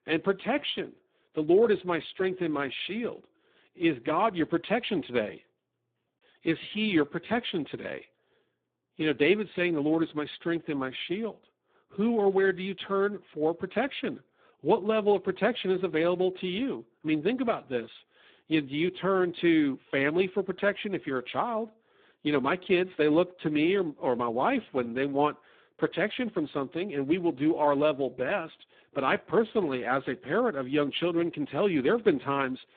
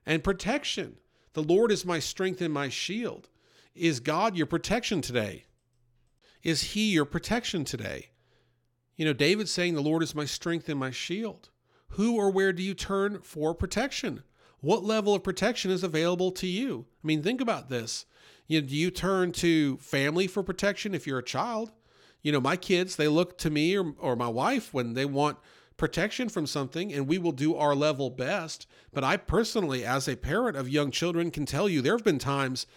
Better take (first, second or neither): second